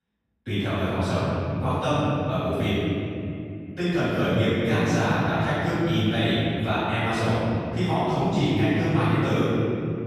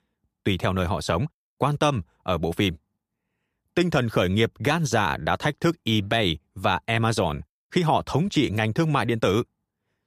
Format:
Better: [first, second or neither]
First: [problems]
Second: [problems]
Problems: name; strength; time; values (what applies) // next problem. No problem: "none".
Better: second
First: off-mic speech; far // room echo; strong; dies away in 3 s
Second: none